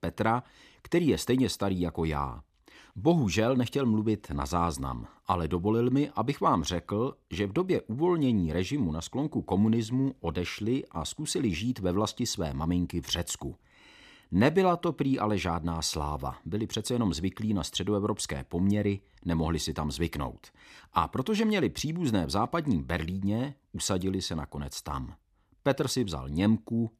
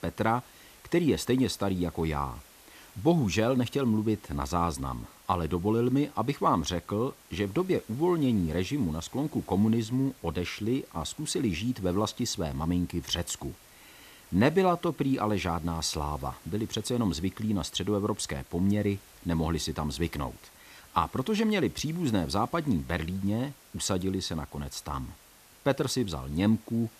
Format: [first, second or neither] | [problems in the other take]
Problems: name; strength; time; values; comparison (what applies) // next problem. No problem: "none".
first | hiss; faint; throughout; 25 dB below the speech